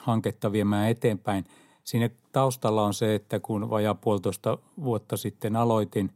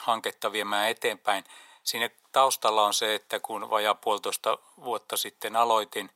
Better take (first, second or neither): first